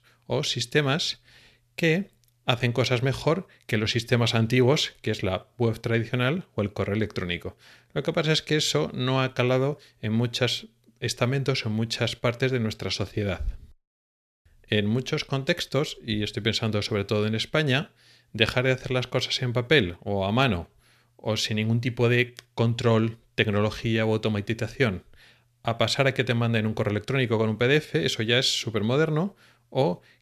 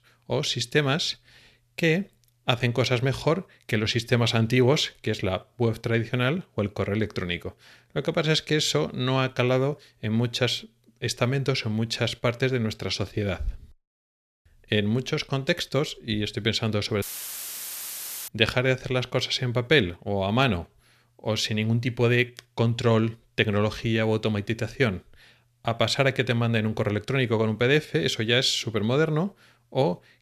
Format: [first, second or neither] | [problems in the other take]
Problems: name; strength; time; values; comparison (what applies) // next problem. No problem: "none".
first | audio cutting out; filled with static; at 17 s for 1.5 s